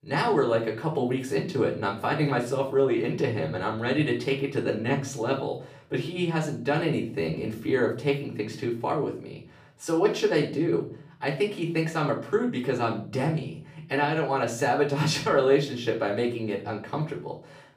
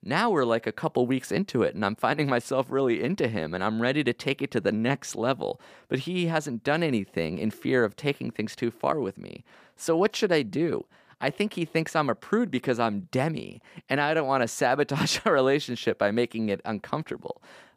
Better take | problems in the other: second | room echo; slight; dies away in 0.5 s // off-mic speech; far

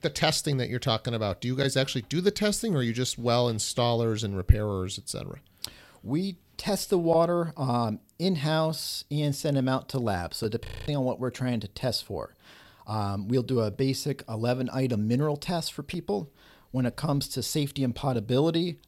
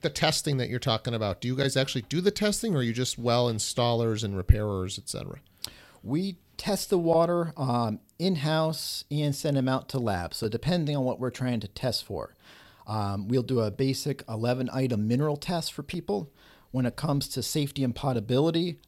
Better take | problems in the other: second | audio freezing; at 11 s

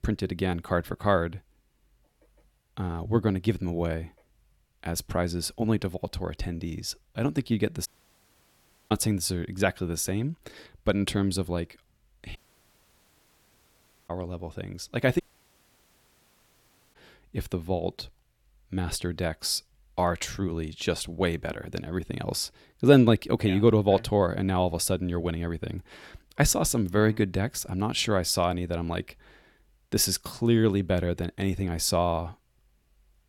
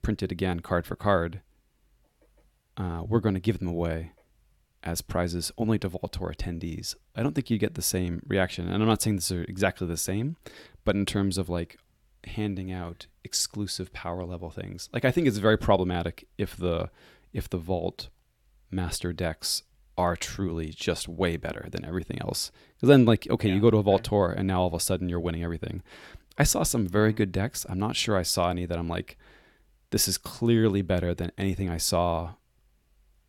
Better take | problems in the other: second | audio cutting out; at 8 s for 1 s, at 12 s for 1.5 s and at 15 s for 1.5 s

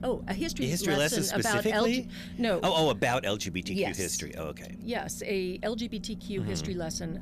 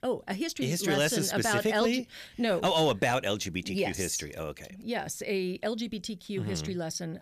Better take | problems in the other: second | low rumble; faint; throughout; 20 dB below the speech

